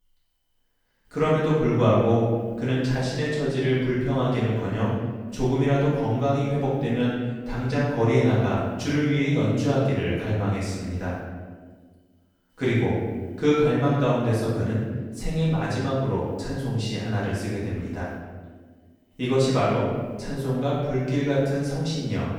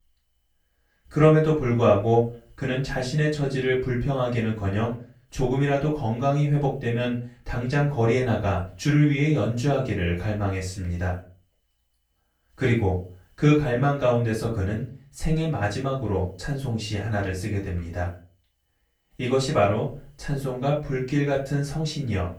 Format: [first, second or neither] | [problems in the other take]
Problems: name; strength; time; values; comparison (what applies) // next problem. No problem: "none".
second | room echo; strong; dies away in 1.3 s; slight in the second // off-mic speech; far; far in the second